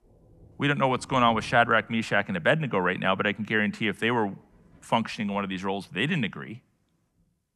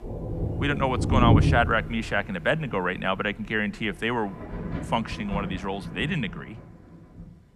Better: first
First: rain or running water; faint; throughout; 25 dB below the speech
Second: rain or running water; loud; throughout; 1 dB below the speech

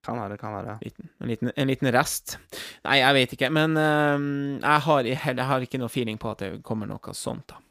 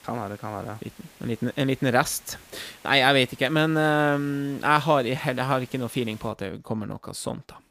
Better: first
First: none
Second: hiss; faint; until 6.5 s; 25 dB below the speech

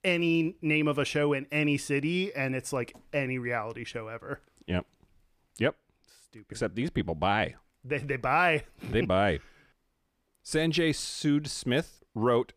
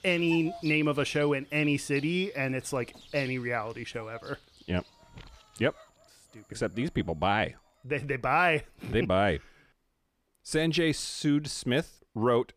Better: first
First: none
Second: animal sounds; faint; until 7.5 s; 20 dB below the speech

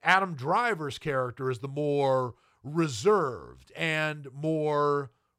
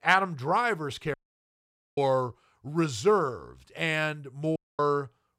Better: first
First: none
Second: audio cutting out; at 1 s for 1 s and at 4.5 s

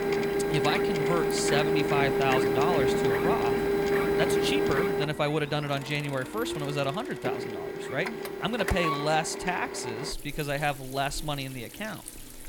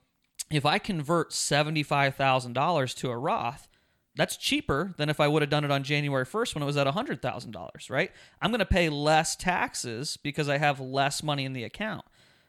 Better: second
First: household noises; very loud; throughout; 2 dB above the speech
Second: none

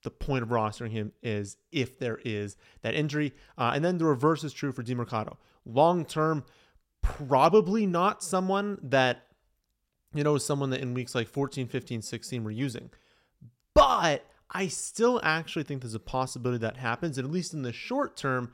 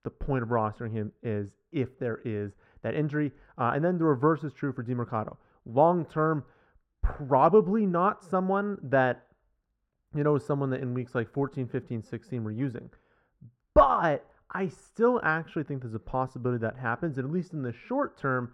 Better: first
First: none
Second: muffled; very; fading above 2.5 kHz

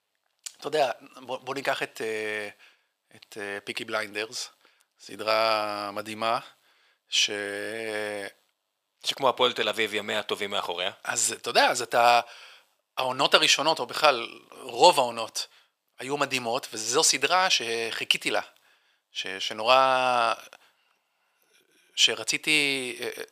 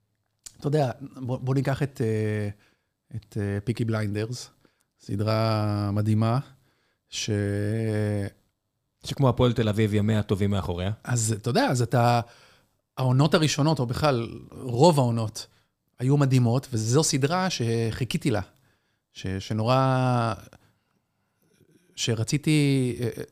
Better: second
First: thin; very; fading below 700 Hz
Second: none

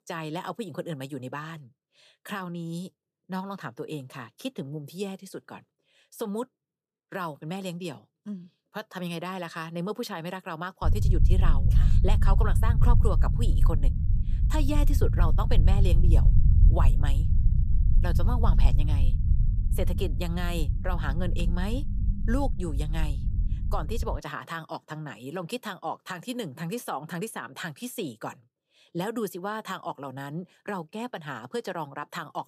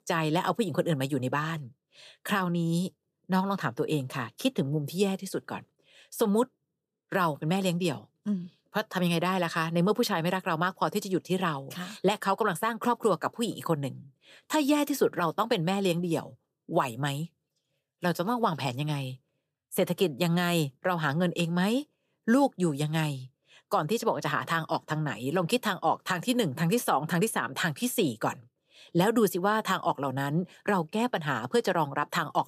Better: second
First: low rumble; loud; from 11 to 24 s; 7 dB below the speech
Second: none

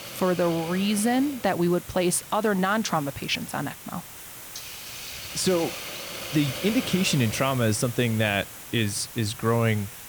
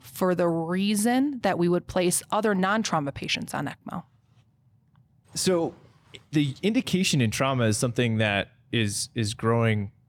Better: second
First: hiss; noticeable; throughout; 10 dB below the speech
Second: none

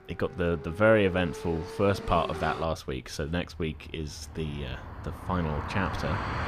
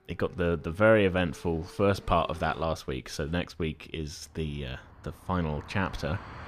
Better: second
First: traffic noise; loud; throughout; 10 dB below the speech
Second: traffic noise; faint; throughout; 20 dB below the speech

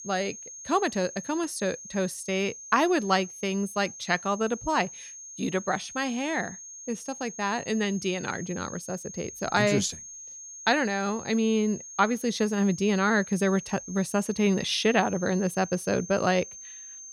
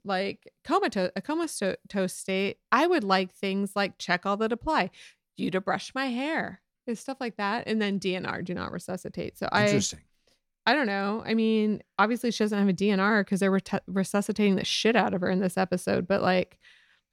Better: second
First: high-pitched whine; noticeable; throughout; 6.5 kHz, 15 dB below the speech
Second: none

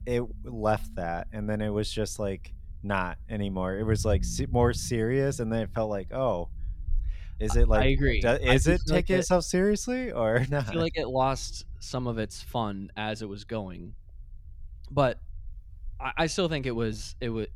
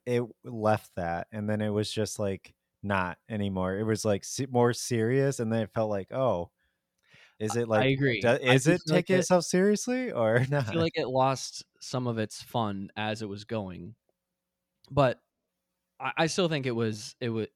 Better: second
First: low rumble; faint; throughout; 25 dB below the speech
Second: none

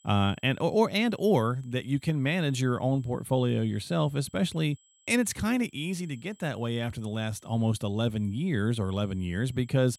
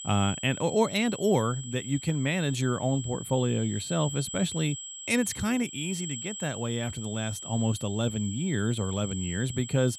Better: first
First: high-pitched whine; faint; throughout; 7.5 kHz, 30 dB below the speech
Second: high-pitched whine; loud; throughout; 7.5 kHz, 9 dB below the speech

